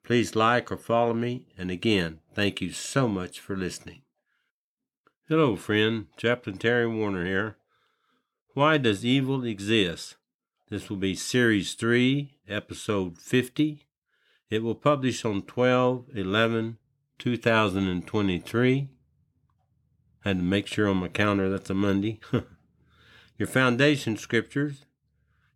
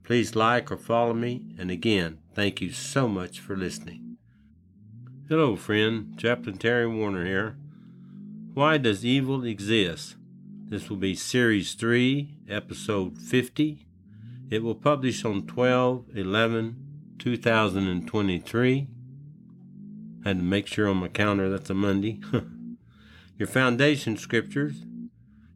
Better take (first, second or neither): first